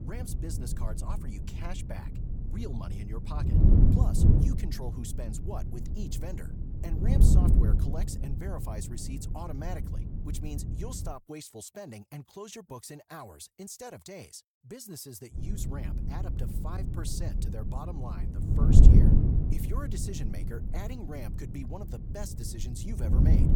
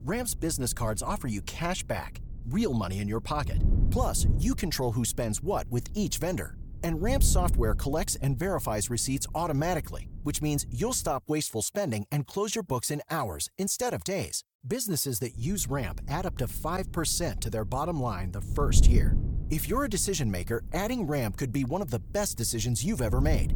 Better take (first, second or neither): second